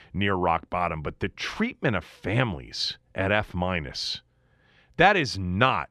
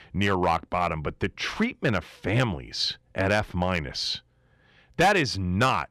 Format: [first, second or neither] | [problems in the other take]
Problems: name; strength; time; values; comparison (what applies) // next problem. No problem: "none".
first | distortion; slight; 2% of the sound clipped